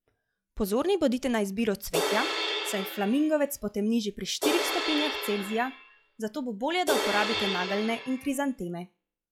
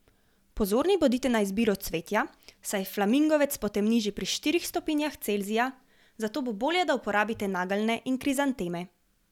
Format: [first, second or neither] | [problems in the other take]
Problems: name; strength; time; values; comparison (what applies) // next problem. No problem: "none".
second | noise reduction (classical method log-MMSE)